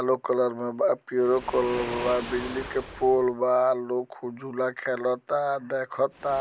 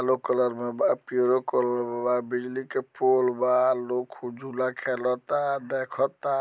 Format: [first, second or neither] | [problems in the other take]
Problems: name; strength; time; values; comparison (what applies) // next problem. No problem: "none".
second | background sound (Waves, surf); 16 dB below the speech